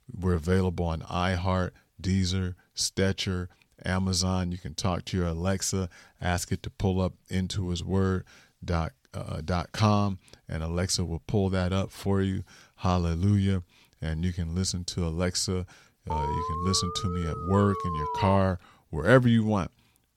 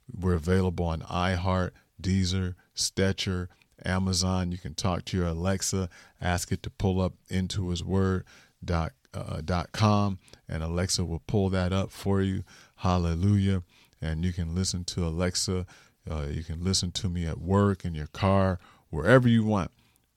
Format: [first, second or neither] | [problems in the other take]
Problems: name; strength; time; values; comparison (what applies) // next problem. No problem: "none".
second | alarm; noticeable; from 16 to 18 s; peak 3 dB below the speech